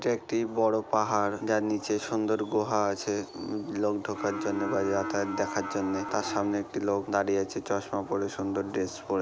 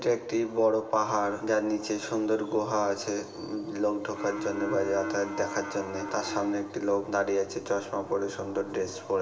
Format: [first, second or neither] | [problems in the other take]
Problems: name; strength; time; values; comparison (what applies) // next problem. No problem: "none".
first | room echo; dies away in 0.9 s